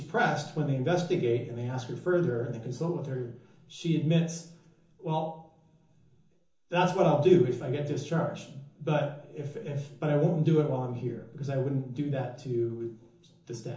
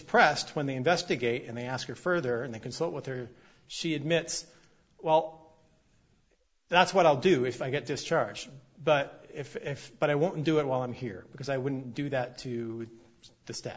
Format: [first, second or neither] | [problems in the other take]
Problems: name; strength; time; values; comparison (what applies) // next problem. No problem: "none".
second | room echo; dies away in 0.7 s